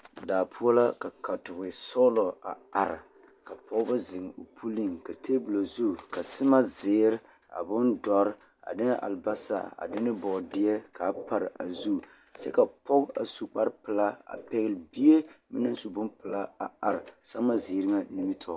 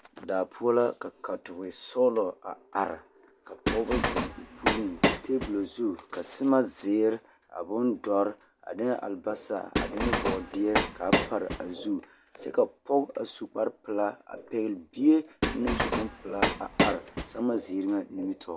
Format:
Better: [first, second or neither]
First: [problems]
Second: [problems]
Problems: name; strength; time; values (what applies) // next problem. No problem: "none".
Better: first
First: none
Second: background sound (Train); 1 dB above the speech